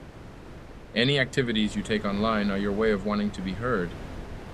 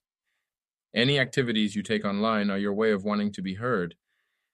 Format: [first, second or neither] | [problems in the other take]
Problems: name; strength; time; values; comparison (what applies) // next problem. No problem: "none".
second | wind noise on the microphone; occasional gusts; 15 dB below the speech